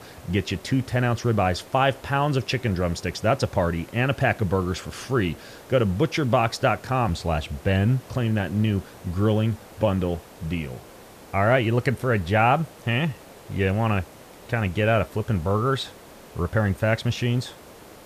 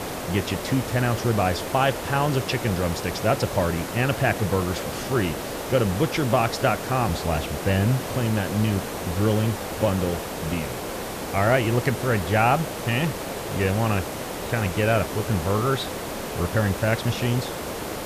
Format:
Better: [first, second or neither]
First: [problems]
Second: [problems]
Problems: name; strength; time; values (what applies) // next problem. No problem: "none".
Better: first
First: hiss; faint; throughout; 20 dB below the speech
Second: hiss; loud; throughout; 6 dB below the speech